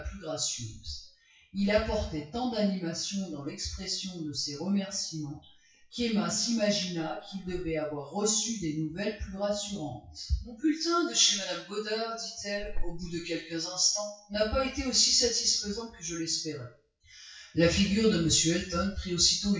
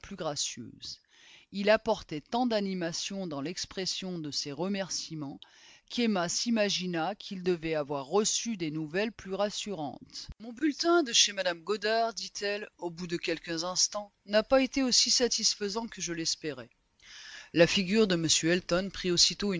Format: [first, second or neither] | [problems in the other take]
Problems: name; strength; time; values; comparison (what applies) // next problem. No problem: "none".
second | noise reduction (classical method WPE with log-MMSE)